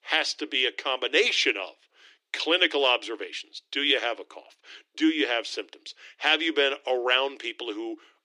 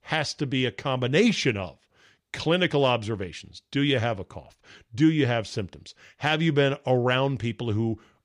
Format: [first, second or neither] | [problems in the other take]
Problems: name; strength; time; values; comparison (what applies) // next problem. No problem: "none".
second | thin; very; fading below 300 Hz